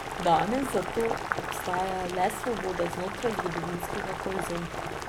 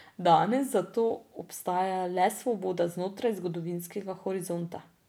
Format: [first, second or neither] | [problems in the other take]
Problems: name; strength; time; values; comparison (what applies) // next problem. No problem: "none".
second | background sound (Boiling); 3 dB below the speech